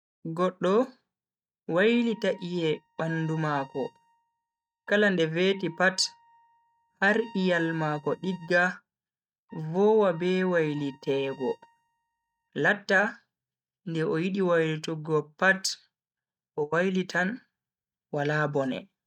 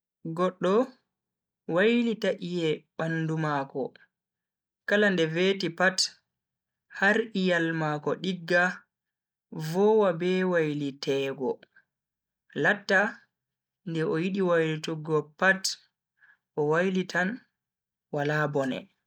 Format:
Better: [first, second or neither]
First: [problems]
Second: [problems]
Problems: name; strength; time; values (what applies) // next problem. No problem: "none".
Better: second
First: noise reduction (neural mask model RNNoise)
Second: none